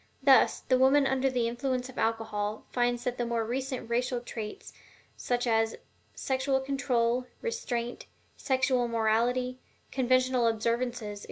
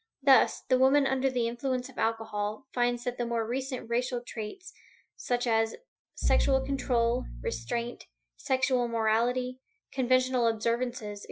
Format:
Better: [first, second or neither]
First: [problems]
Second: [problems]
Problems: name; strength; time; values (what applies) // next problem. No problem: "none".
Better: first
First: none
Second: noise reduction (classical method Wiener filter)